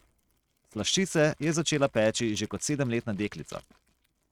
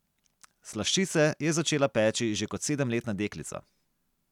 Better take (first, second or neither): second